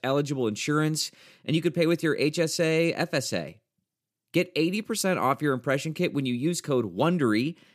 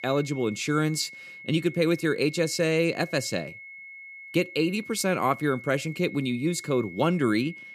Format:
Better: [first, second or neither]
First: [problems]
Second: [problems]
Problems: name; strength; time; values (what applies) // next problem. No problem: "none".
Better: first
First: none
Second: high-pitched whine; noticeable; throughout; 2 kHz, 15 dB below the speech